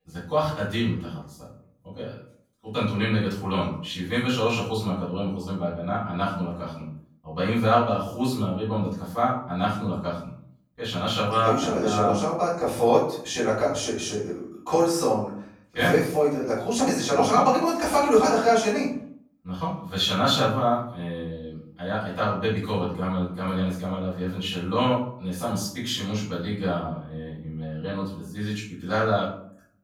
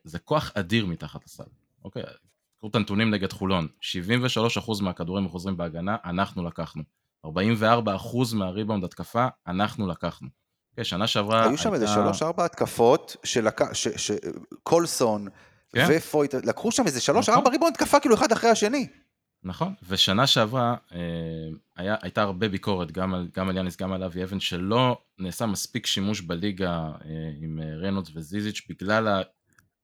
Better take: second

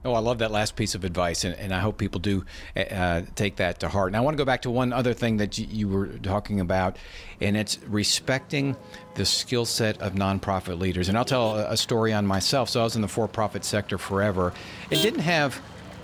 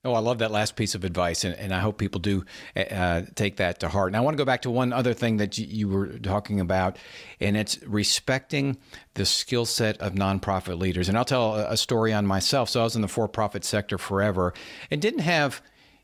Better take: second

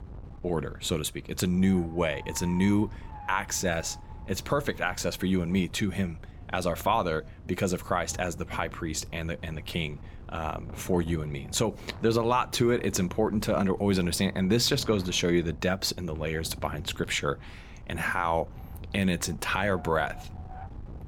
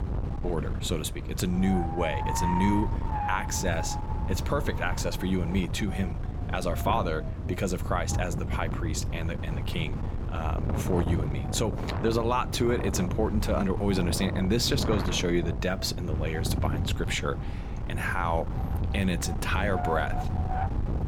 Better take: first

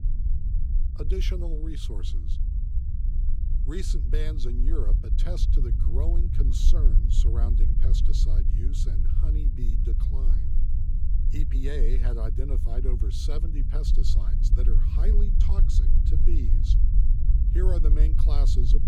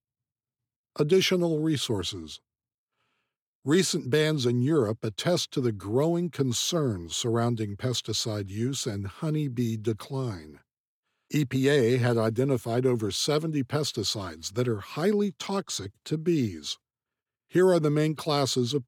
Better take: second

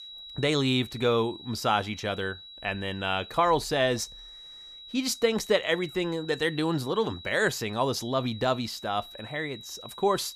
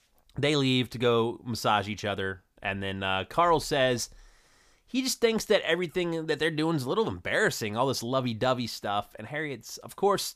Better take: second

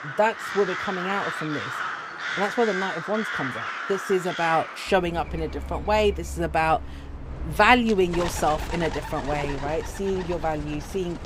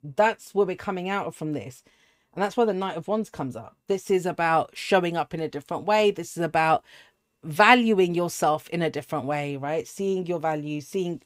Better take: second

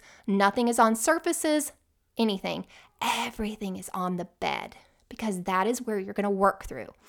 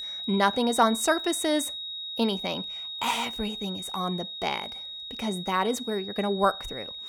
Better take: first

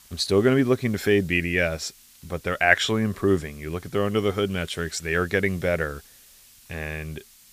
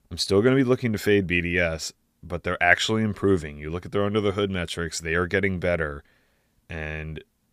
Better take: second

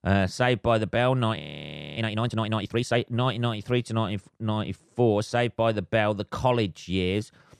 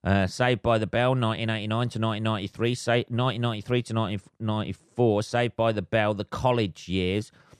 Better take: second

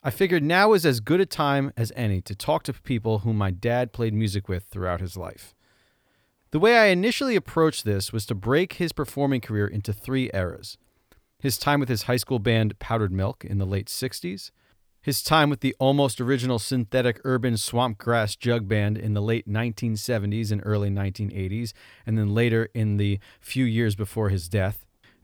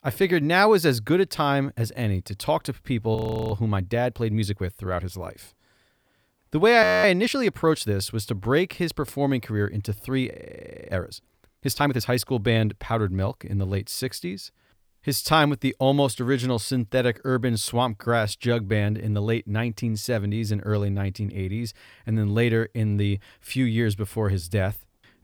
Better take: first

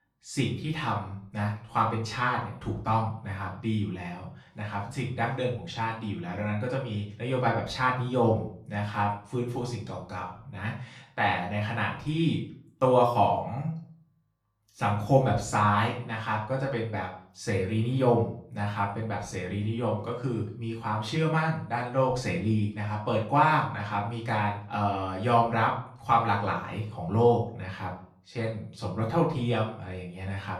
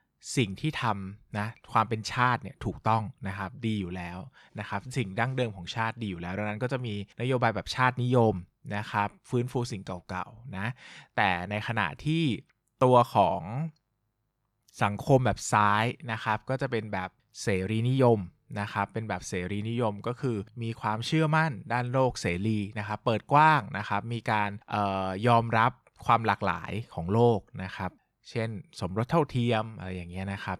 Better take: second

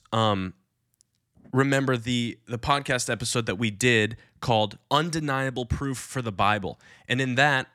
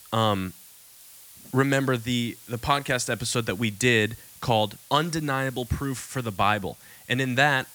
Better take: first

